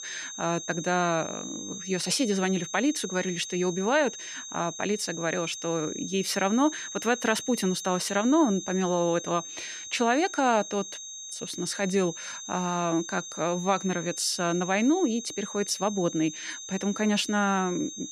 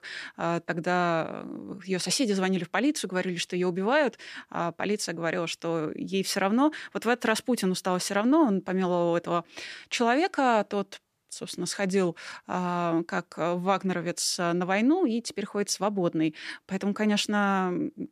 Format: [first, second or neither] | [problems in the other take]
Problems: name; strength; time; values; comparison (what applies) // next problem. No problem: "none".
second | high-pitched whine; loud; throughout; 6.5 kHz, 9 dB below the speech